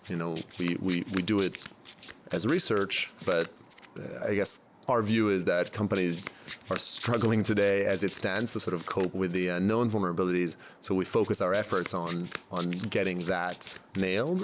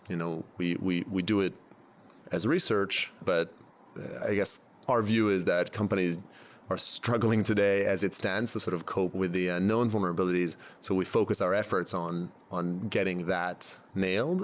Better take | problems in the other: second | background sound (Domestic sounds, home sounds); 19 dB below the speech

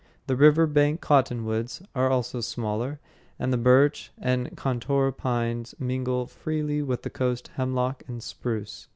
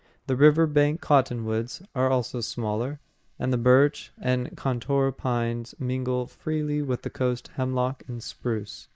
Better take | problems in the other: first | noise reduction (neural mask model Resemble Enhance denoiser)

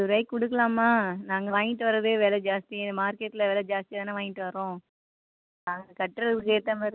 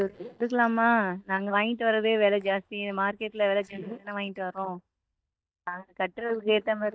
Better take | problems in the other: first | noise reduction (neural mask model DeepFilterNet 3)

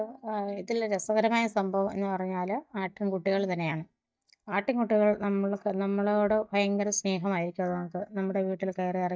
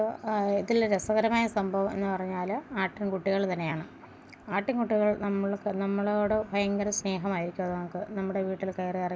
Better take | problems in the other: second | noise reduction (neural mask model DeepFilterNet 3)

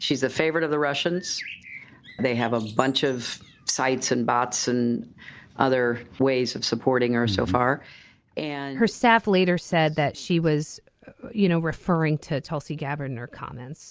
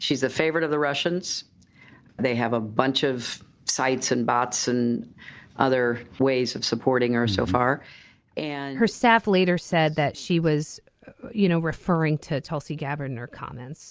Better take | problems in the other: second | background sound (Bird); 20 dB below the speech

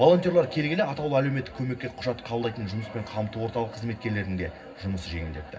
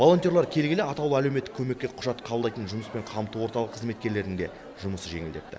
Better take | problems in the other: second | room echo; dies away in 0.4 s

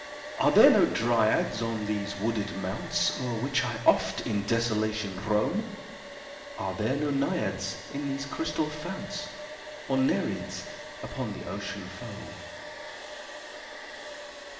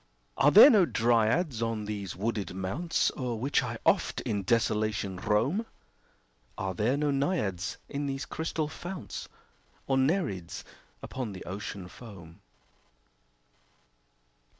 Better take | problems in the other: second | background sound (Domestic sounds, home sounds); 12 dB below the speech // room echo; dies away in 1.2 s

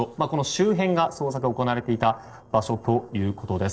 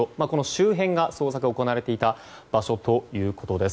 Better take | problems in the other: second | noise reduction (neural separator model SepFormer DNS4)

